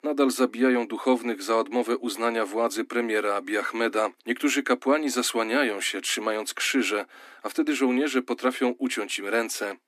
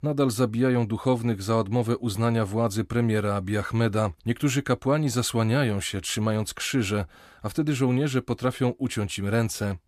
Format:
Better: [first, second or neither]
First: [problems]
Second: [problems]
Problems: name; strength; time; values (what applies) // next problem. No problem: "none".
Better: second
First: thin; very slightly; fading below 250 Hz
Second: none